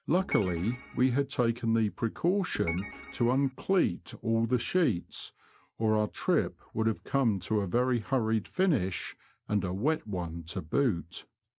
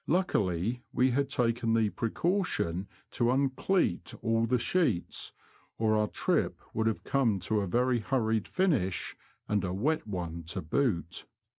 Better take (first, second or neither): second